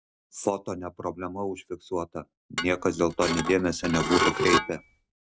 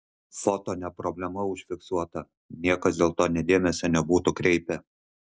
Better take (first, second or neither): second